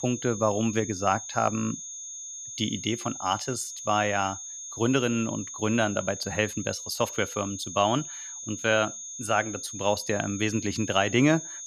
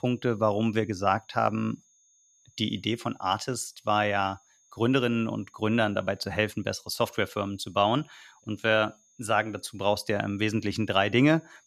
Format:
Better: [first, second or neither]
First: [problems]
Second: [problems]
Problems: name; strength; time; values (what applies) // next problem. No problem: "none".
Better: second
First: high-pitched whine; loud; throughout; 6.5 kHz, 9 dB below the speech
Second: high-pitched whine; faint; throughout; 6.5 kHz, 35 dB below the speech